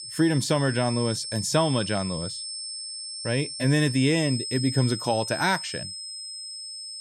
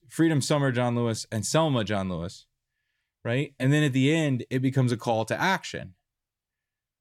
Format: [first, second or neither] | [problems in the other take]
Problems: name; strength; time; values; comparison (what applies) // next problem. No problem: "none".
second | high-pitched whine; loud; throughout; 5 kHz, 7 dB below the speech